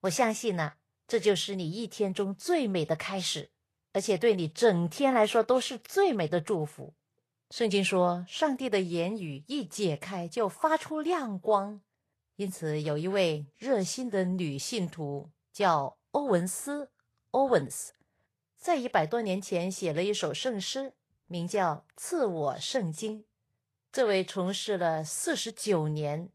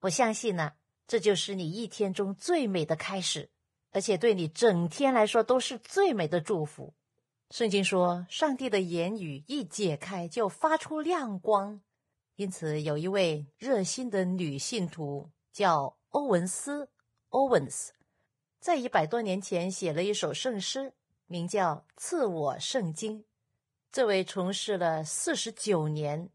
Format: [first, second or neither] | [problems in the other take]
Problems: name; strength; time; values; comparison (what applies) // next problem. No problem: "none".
first | garbled, watery; badly; nothing above 10.5 kHz; slightly in the first